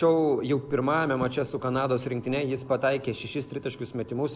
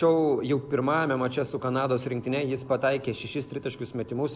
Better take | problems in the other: second | background sound (Raindrop / Drip); 19 dB below the speech

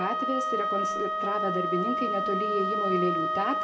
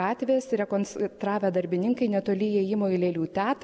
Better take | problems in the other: second | background sound (Wind instrument, woodwind instrument); 2 dB above the speech // room echo; dies away in 0.4 s

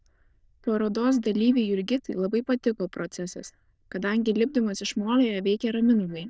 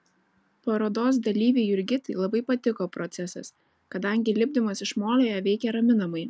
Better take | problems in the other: second | noise reduction (neural diffusion model UNIVERSE++)

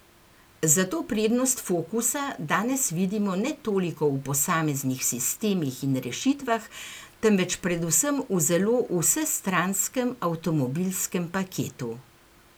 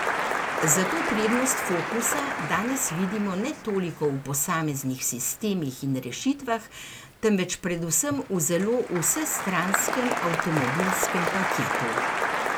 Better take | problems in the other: first | background sound (Applause); 3 dB below the speech

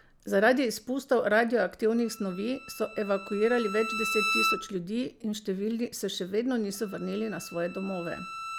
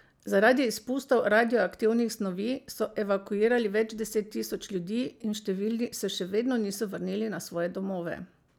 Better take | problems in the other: second | background sound (Bowed string instrument); 8 dB below the speech

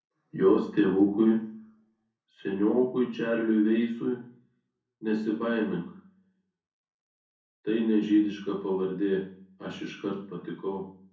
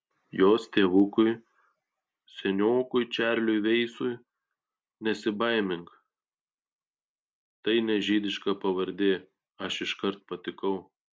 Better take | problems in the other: second | room echo; dies away in 0.6 s

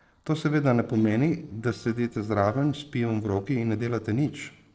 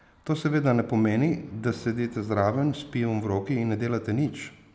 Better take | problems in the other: second | noise reduction (neural separator model SepFormer DNS4)

